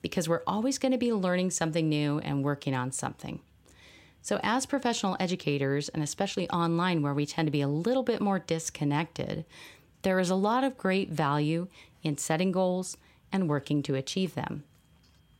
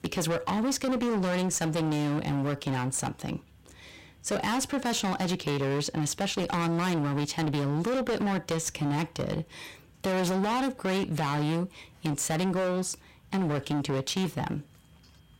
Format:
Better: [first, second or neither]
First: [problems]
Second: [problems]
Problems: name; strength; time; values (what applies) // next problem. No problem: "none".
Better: first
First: none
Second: distortion; heavy; 27% of the sound clipped